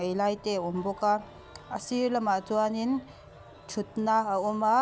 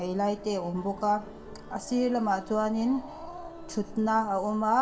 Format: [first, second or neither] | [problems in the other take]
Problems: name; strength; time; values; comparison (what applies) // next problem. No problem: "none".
first | background sound (Growling); 16 dB below the speech // room echo; dies away in 1.1 s